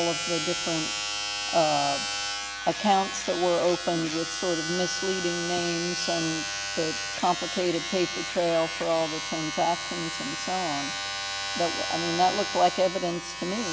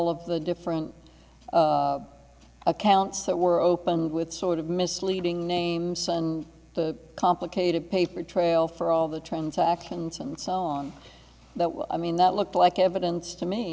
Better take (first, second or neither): second